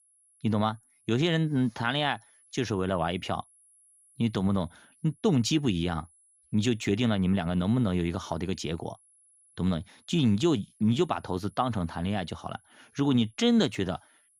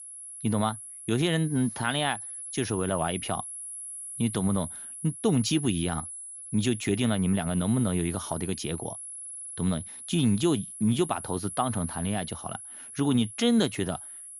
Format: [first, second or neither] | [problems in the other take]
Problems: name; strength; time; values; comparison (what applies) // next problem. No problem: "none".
first | high-pitched whine; loud; throughout; 11 kHz, 9 dB below the speech; faint in the first